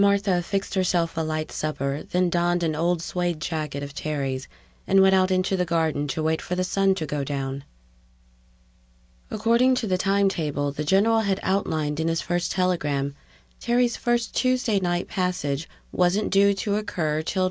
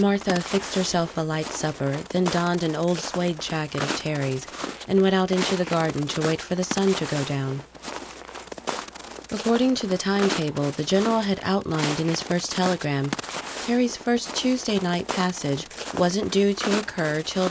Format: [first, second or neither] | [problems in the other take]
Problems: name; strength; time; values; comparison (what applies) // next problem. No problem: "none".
first | background sound (Walk, footsteps); 9 dB below the speech